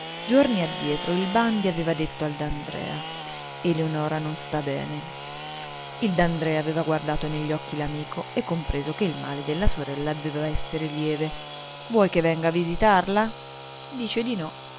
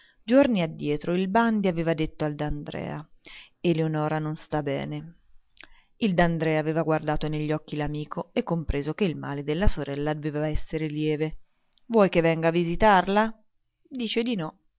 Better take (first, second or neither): second